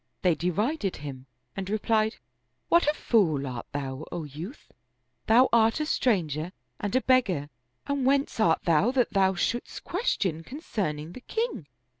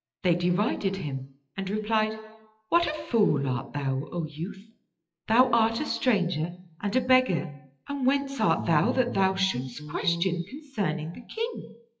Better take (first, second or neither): first